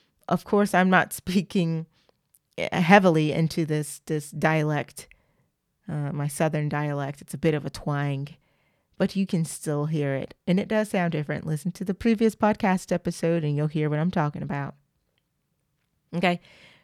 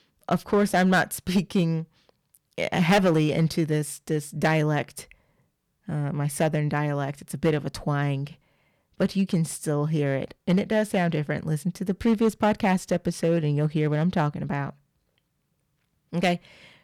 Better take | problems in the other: first | distortion; slight; 3% of the sound clipped

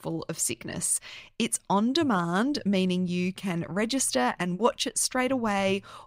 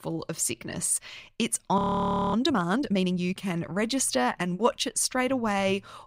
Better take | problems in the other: first | audio freezing; at 2 s for 0.5 s

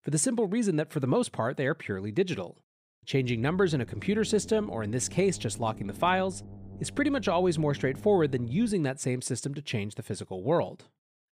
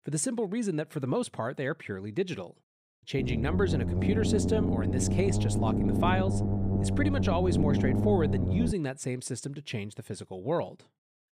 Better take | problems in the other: first | low rumble; loud; from 3 to 8.5 s; 3 dB below the speech; faint in the first

